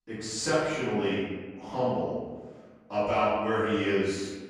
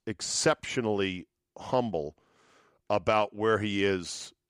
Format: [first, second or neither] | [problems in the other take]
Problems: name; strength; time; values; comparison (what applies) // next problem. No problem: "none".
second | off-mic speech; far // room echo; strong; dies away in 1.3 s